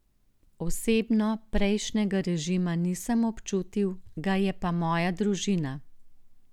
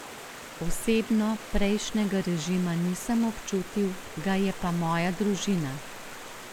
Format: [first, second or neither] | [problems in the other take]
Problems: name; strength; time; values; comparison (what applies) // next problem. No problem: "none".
first | background sound (Stream); 14 dB below the speech